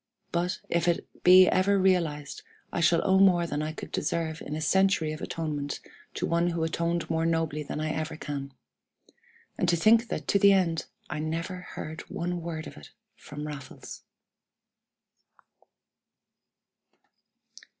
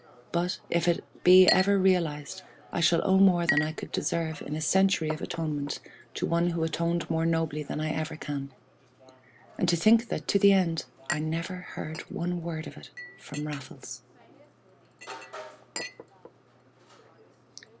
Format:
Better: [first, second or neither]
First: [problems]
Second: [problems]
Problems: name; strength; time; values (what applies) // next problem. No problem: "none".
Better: first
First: none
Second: background sound (Chink, clink); 13 dB below the speech